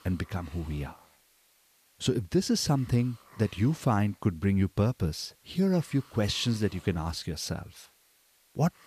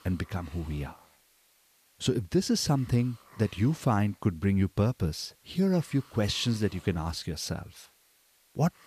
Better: neither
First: hiss; faint; throughout; 25 dB below the speech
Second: hiss; faint; throughout; 25 dB below the speech

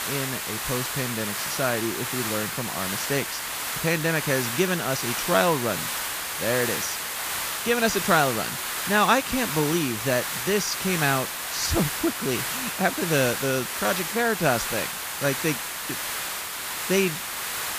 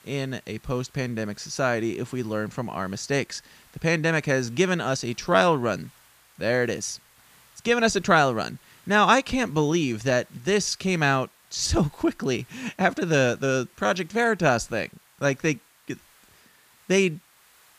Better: second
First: hiss; loud; throughout; 2 dB below the speech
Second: hiss; faint; throughout; 30 dB below the speech

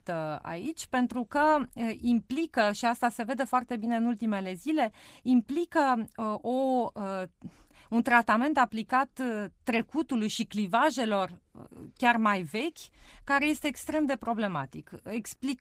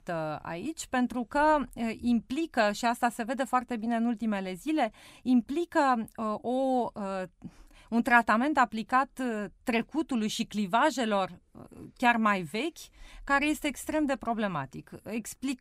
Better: second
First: garbled, watery; slightly; nothing above 15.5 kHz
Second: none

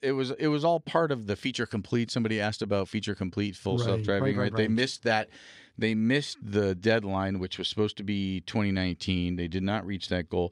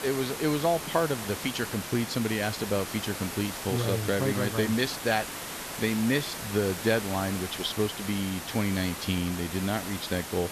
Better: first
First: none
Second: hiss; loud; throughout; 6 dB below the speech

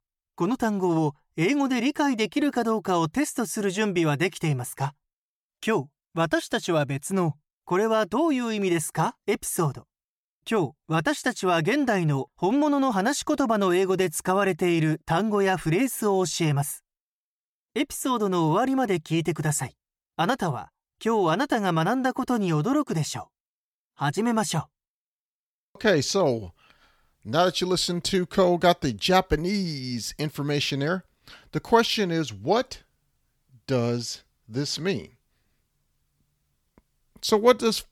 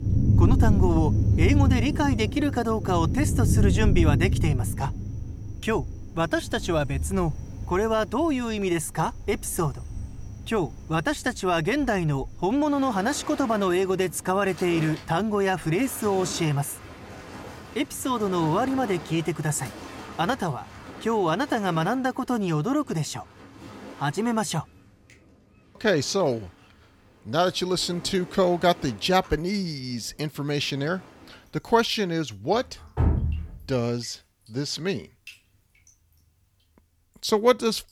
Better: first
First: none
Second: rain or running water; loud; throughout; 2 dB below the speech

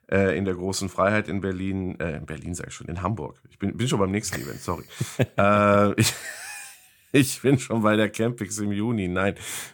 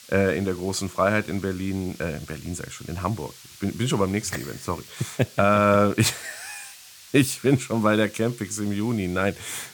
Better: first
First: none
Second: hiss; noticeable; throughout; 20 dB below the speech

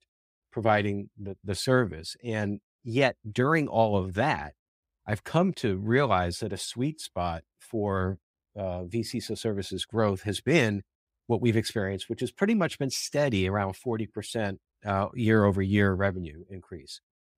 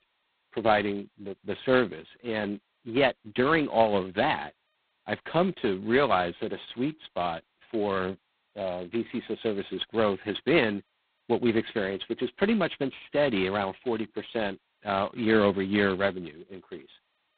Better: first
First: none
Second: phone-call audio; poor line; nothing above 4 kHz

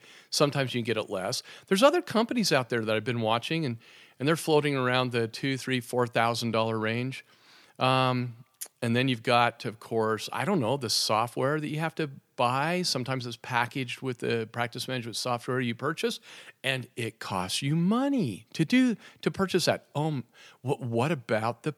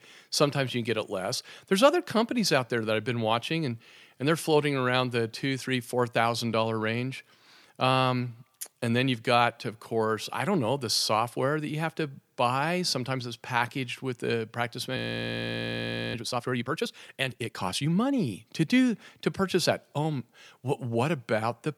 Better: first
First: none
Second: audio freezing; at 15 s for 1 s

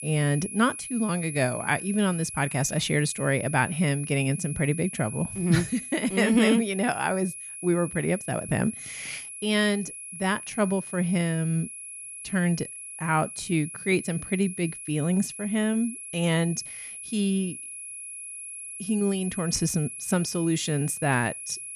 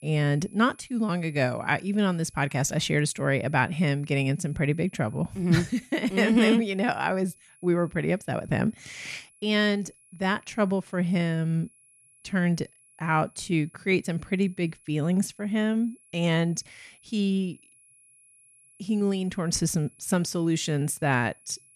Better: second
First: high-pitched whine; loud; throughout; 11 kHz, 9 dB below the speech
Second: high-pitched whine; faint; throughout; 11 kHz, 30 dB below the speech

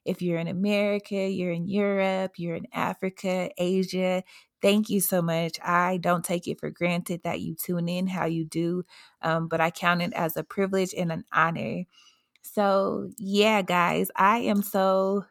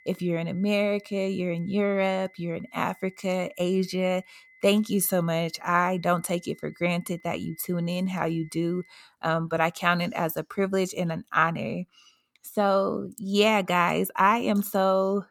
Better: first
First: none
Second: high-pitched whine; faint; until 9 s; 2 kHz, 30 dB below the speech

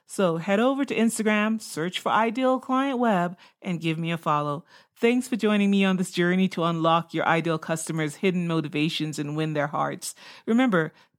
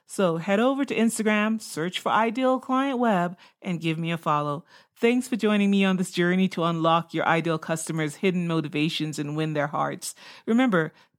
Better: neither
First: none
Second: none

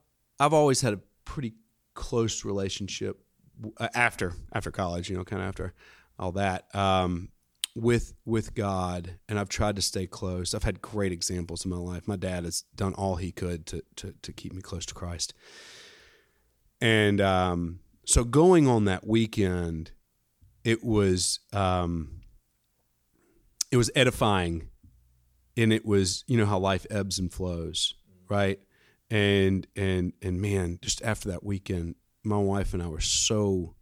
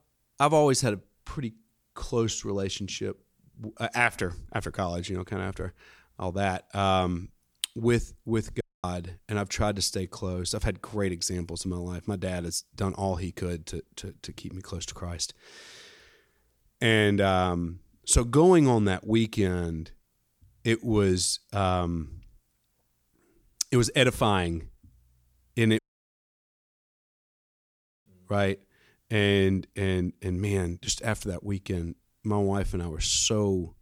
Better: first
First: none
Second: audio cutting out; at 8.5 s and at 26 s for 2.5 s

